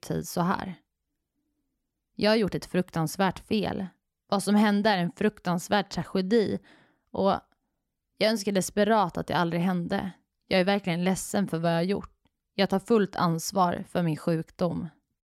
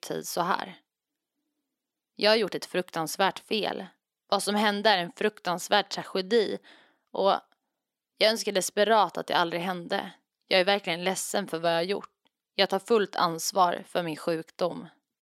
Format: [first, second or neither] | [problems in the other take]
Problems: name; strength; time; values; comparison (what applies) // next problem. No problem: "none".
first | thin; somewhat; fading below 350 Hz